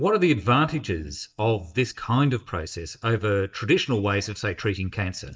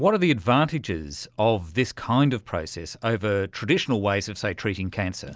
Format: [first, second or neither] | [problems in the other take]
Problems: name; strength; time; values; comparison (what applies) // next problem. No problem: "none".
second | noise reduction (neural mask model DeepFilterNet 3)